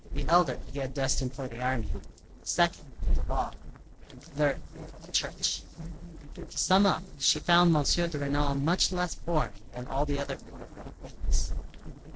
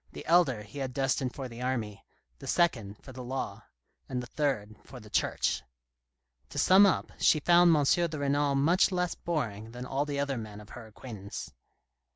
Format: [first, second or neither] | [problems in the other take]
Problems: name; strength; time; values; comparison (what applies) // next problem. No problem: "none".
second | noise reduction (neural separator model SepFormer DNS4)